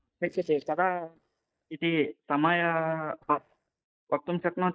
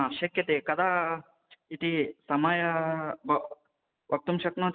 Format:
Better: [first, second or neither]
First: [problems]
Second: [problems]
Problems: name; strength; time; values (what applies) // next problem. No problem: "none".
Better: second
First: noise reduction (neural mask model DeepFilterNet 3)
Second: none